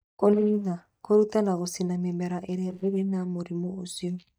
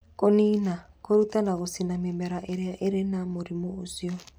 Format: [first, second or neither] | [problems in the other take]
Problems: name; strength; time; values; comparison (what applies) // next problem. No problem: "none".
second | noise reduction (neural mask model DeepFilterNet 3)